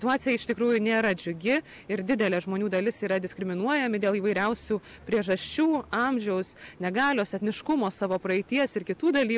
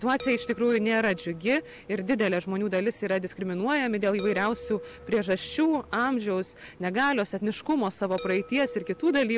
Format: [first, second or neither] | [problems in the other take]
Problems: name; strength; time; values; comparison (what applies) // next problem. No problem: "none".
first | background sound (Chime); 18 dB below the speech